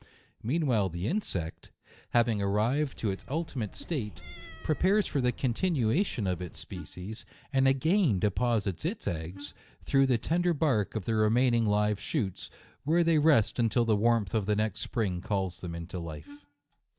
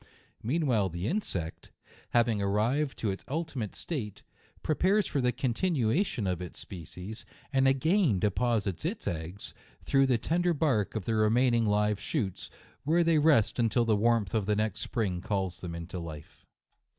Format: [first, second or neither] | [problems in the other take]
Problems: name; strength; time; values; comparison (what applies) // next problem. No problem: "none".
second | background sound (Wind instrument, woodwind instrument + Cat); 17 dB below the speech